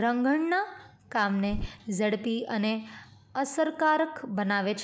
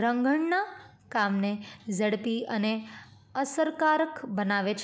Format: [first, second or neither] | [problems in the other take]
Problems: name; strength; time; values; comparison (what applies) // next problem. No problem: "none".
second | background sound (Bird); 14 dB below the speech